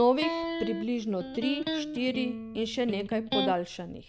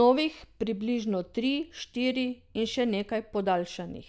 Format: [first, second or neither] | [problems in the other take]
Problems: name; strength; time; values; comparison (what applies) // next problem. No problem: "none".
second | background sound (Electric guitar); 5 dB below the speech